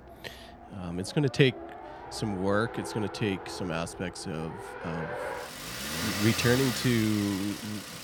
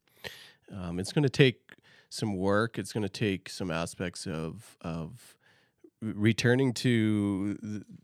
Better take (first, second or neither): second